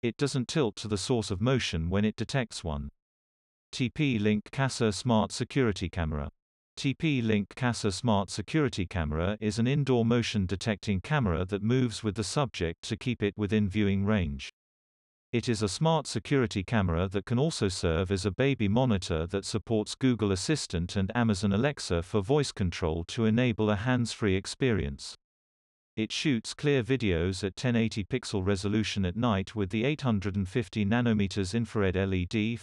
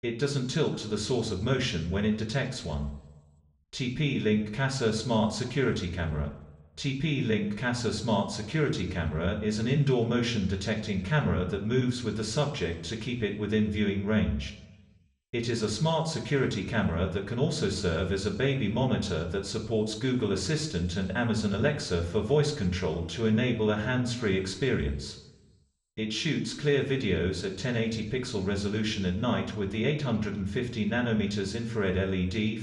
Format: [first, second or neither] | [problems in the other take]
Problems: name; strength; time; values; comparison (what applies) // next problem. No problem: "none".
first | room echo; slight; dies away in 0.7 s // off-mic speech; somewhat distant